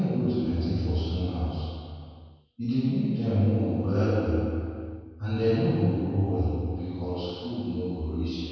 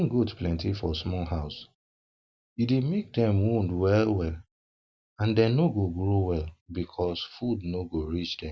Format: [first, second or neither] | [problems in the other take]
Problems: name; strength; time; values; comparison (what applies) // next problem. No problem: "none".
second | room echo; dies away in 2.1 s